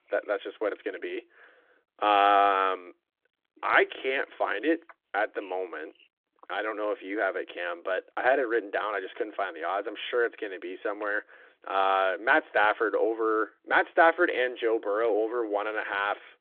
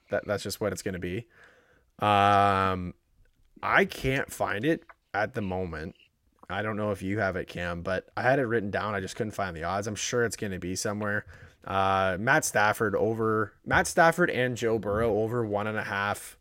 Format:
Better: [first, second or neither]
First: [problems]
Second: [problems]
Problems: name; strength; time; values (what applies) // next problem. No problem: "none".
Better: second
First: phone-call audio; nothing above 3.5 kHz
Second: none